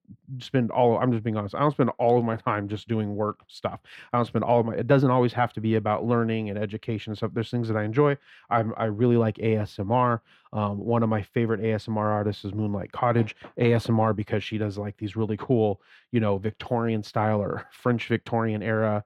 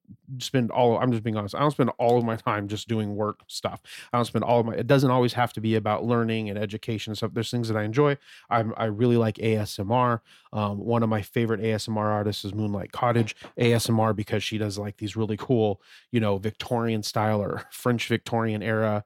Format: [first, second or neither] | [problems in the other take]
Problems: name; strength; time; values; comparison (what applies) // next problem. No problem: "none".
second | muffled; slightly; fading above 4 kHz